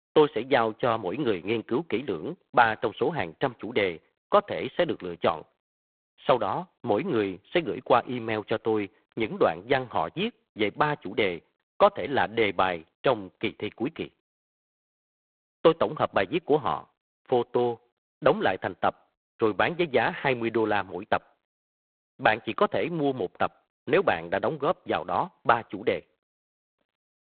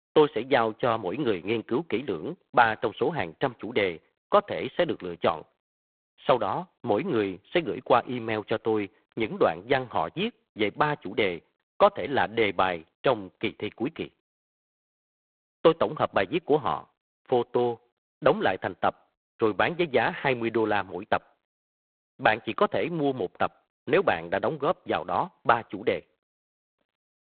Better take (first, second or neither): neither